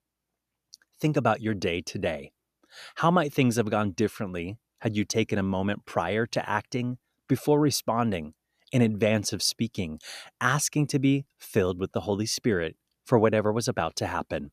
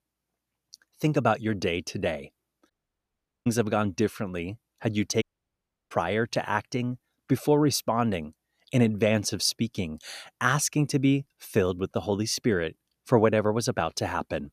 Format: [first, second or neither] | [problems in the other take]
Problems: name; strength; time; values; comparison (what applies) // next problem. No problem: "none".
first | audio cutting out; at 2.5 s for 1 s and at 5 s for 0.5 s